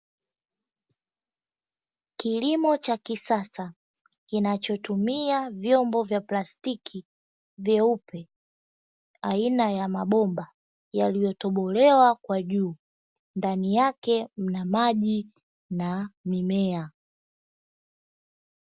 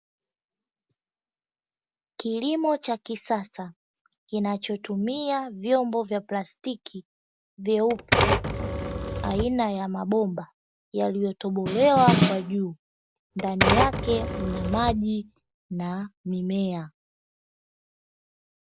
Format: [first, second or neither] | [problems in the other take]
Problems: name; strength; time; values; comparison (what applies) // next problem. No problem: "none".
first | background sound (Typewriter + Snare drum); 2 dB above the speech